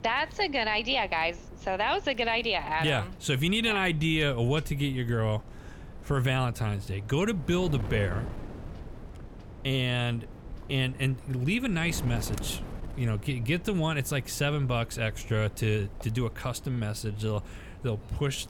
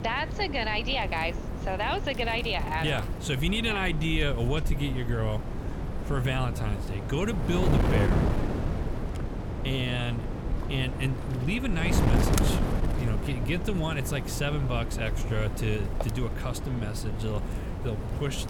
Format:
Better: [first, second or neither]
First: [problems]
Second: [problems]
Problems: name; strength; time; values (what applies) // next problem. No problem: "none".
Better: first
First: wind noise on the microphone; occasional gusts; 20 dB below the speech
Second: wind noise on the microphone; heavy; 6 dB below the speech